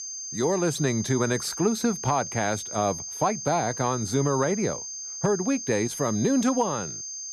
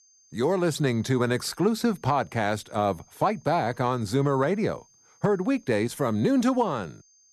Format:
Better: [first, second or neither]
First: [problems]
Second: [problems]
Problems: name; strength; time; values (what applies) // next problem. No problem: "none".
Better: second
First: high-pitched whine; loud; throughout; 6.5 kHz, 7 dB below the speech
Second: high-pitched whine; faint; throughout; 6.5 kHz, 30 dB below the speech